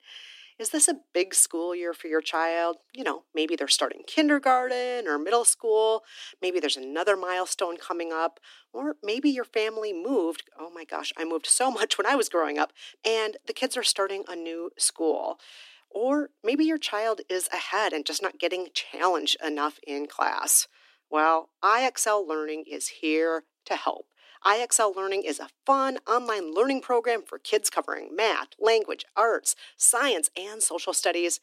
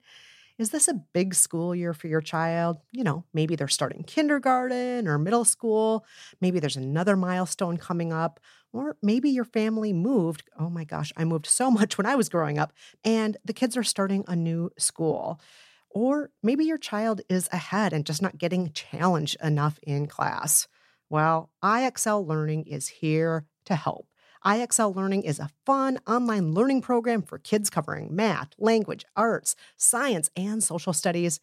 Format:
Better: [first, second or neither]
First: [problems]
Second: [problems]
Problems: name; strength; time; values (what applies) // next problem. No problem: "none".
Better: second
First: thin; somewhat; fading below 300 Hz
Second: none